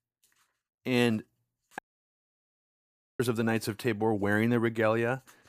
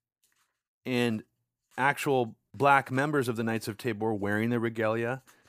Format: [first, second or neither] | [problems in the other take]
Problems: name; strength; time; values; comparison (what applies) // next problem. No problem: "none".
second | audio cutting out; at 2 s for 1.5 s